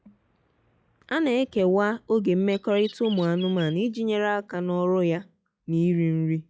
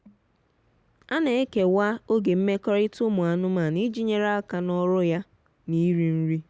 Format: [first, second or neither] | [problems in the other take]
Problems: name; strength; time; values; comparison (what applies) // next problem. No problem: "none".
second | noise reduction (classical method log-MMSE)